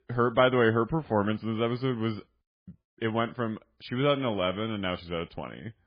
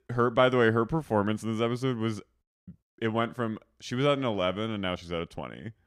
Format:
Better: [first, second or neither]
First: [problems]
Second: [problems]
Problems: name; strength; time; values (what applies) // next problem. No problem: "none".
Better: second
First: garbled, watery; badly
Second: none